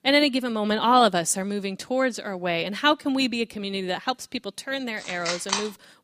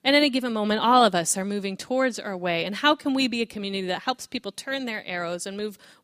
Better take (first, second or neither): second